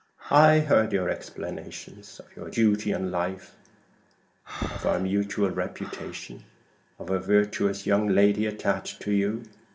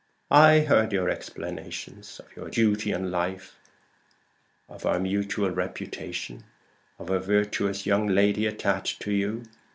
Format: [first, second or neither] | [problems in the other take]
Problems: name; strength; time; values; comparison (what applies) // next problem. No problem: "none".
second | background sound (Breathing); 19 dB below the speech // room echo; dies away in 1 s